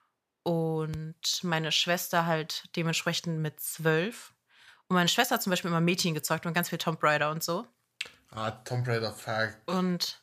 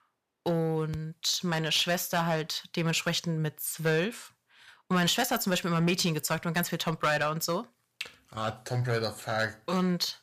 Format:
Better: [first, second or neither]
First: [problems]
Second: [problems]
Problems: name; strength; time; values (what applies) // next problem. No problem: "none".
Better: first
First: none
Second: distortion; slight; 4% of the sound clipped